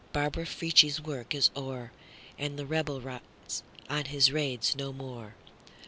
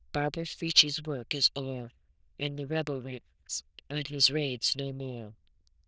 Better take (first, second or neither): first